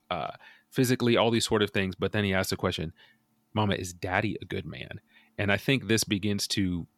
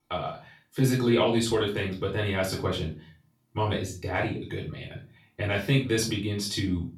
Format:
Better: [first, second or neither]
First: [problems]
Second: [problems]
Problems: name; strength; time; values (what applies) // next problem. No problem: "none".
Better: first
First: none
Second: off-mic speech; far // room echo; slight; dies away in 0.3 s